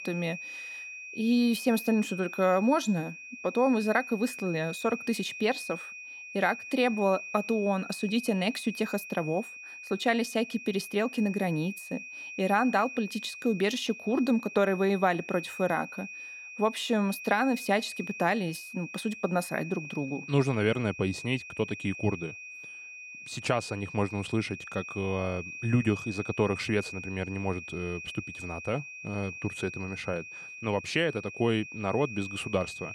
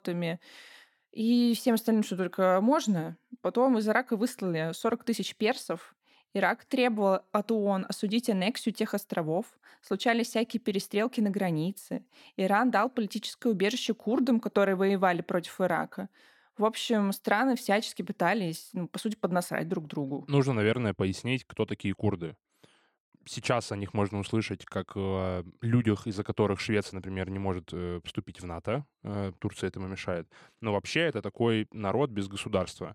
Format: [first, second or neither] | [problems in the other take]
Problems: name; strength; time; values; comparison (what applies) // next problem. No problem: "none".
second | high-pitched whine; noticeable; throughout; 2.5 kHz, 10 dB below the speech